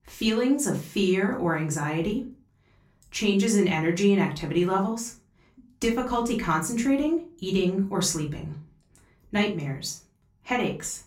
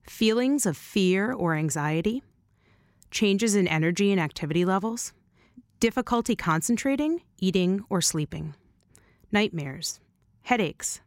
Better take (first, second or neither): second